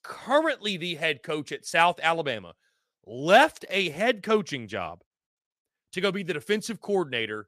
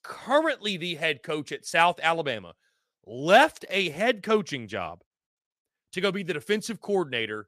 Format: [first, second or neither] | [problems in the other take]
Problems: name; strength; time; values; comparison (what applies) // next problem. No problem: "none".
neither | none